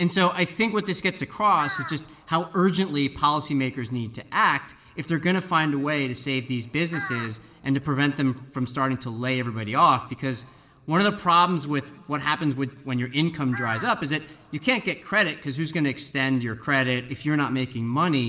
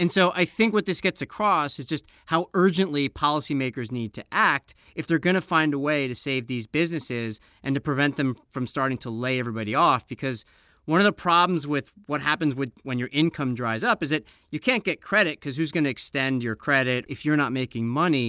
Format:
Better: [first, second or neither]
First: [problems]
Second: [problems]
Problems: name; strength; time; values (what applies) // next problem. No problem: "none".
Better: second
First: background sound (Crow); 14 dB below the speech // room echo; dies away in 2.3 s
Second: none